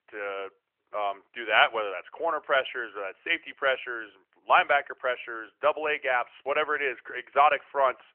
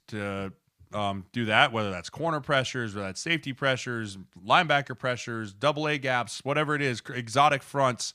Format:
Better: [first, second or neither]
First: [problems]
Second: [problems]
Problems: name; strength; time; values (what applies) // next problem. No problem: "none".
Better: second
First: phone-call audio; nothing above 3 kHz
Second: none